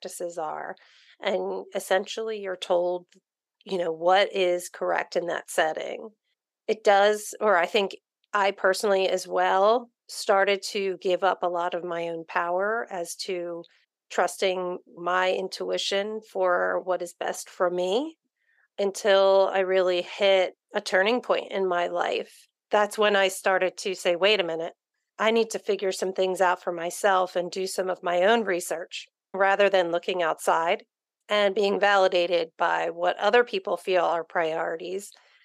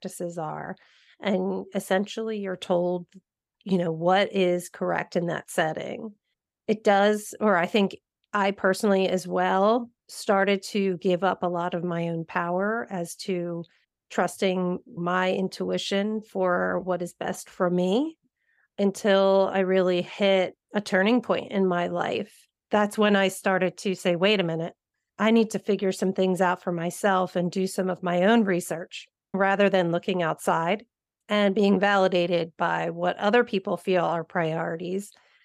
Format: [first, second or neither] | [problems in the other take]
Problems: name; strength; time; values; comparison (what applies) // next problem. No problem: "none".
second | thin; somewhat; fading below 450 Hz